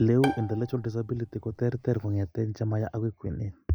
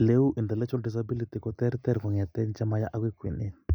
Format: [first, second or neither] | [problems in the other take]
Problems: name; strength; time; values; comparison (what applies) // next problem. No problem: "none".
second | background sound (Bowed string instrument); 12 dB below the speech